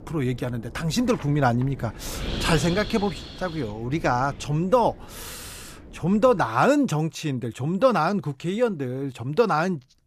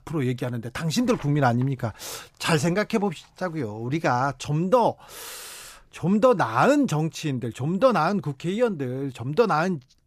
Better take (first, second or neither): second